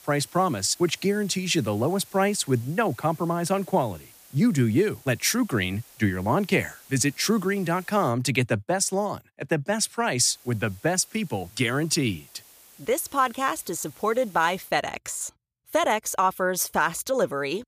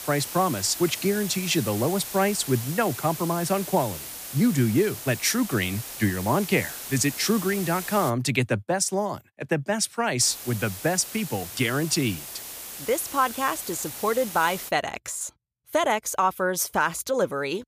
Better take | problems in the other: first | hiss; loud; until 8 s and from 10 to 15 s; 9 dB below the speech; faint in the first

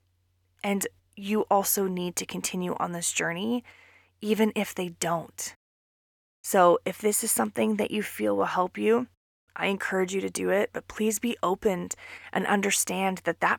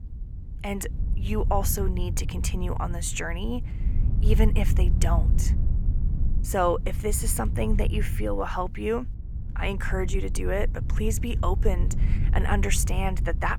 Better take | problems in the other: first | low rumble; noticeable; throughout; 15 dB below the speech

